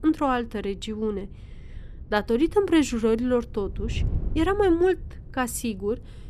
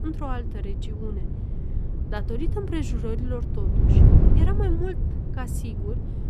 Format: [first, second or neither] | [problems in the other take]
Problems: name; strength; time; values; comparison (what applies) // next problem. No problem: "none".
first | wind noise on the microphone; heavy; 1 dB below the speech; occasional gusts in the first